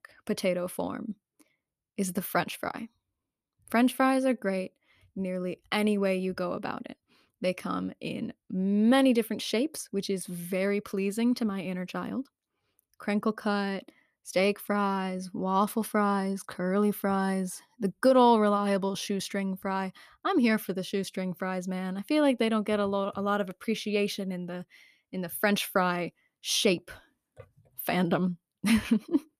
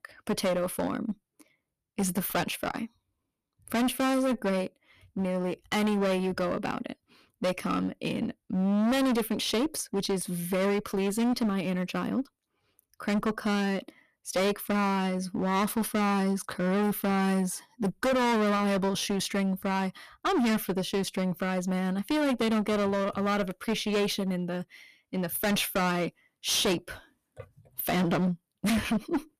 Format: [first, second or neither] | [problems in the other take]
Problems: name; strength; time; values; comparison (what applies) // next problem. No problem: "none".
first | distortion; heavy; 17% of the sound clipped